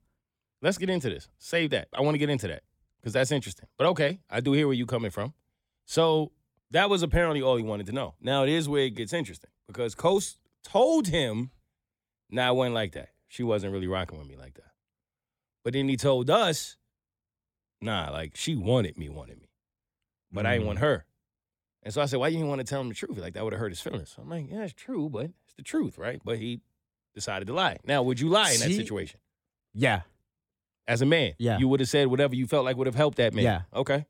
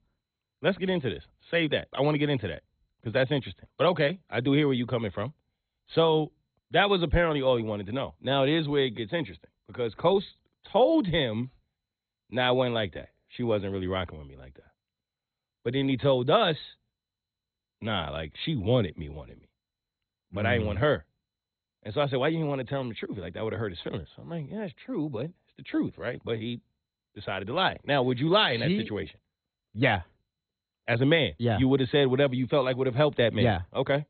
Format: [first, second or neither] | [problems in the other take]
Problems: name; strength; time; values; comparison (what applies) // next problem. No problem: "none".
first | garbled, watery; badly; nothing above 4 kHz